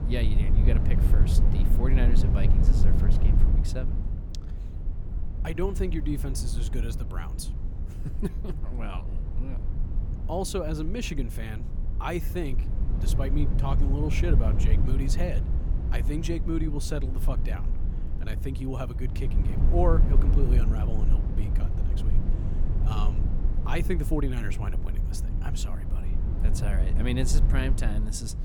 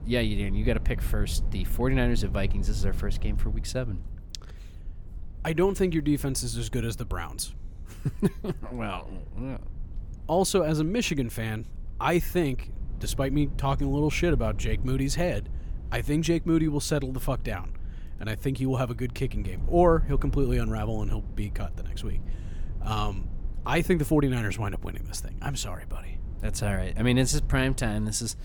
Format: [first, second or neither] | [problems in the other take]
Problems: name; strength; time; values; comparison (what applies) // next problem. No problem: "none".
second | low rumble; loud; throughout; 6 dB below the speech; faint in the second